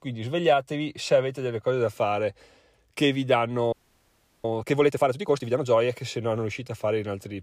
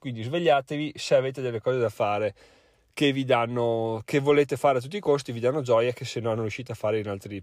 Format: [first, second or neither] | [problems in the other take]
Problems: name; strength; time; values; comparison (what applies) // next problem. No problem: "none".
second | audio freezing; at 3.5 s for 0.5 s